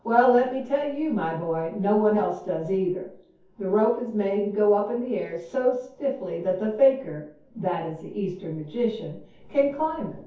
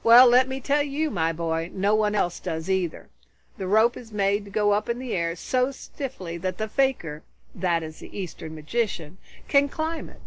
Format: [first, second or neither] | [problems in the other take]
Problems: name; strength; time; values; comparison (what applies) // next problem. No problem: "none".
second | room echo; dies away in 0.6 s